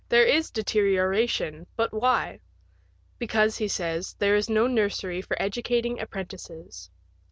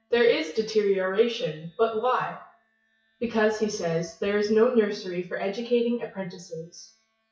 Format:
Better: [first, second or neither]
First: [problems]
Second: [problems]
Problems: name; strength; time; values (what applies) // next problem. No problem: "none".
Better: first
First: none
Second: noise reduction (classical method WPE with log-MMSE)